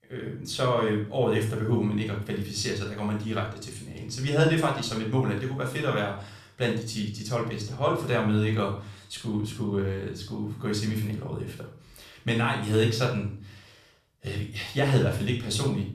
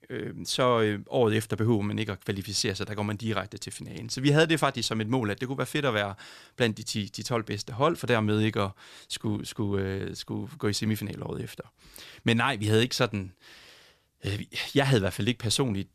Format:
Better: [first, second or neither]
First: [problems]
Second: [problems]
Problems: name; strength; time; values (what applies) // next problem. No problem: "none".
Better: second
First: off-mic speech; somewhat distant // room echo; noticeable; dies away in 0.5 s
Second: none